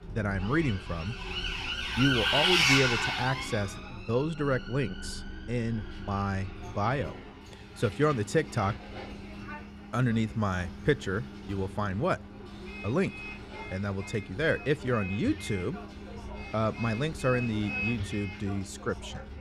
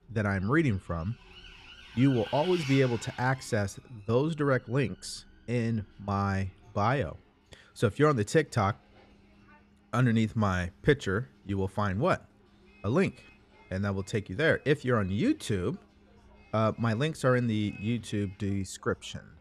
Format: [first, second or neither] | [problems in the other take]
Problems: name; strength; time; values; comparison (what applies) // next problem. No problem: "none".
second | traffic noise; loud; throughout; 2 dB below the speech; faint in the second